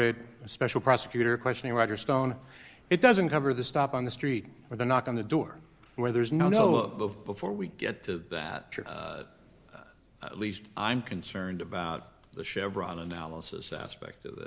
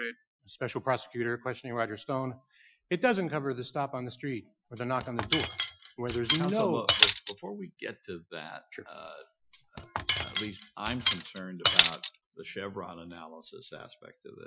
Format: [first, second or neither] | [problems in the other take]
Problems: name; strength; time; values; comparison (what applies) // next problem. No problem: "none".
first | noise reduction (classical method Wiener filter)